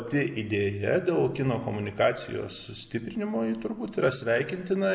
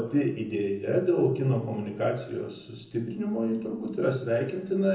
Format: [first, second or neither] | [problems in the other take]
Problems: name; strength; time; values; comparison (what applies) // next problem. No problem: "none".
first | room echo; dies away in 0.6 s